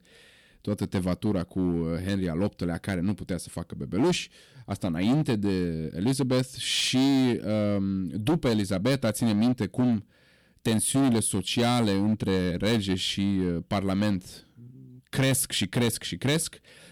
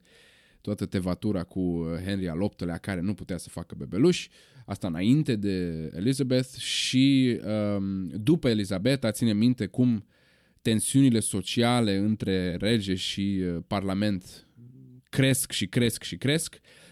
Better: second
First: distortion; slight; 9% of the sound clipped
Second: none

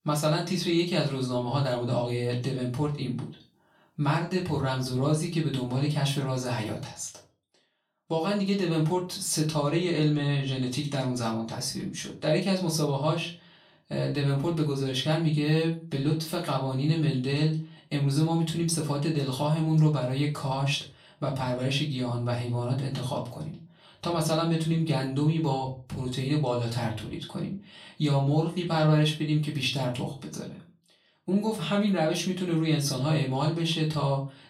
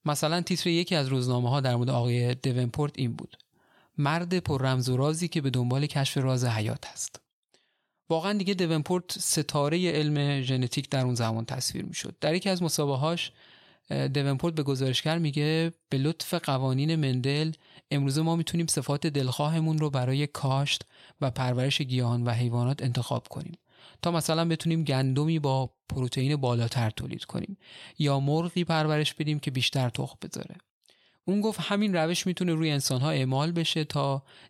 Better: second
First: off-mic speech; far // room echo; very slight; dies away in 0.3 s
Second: none

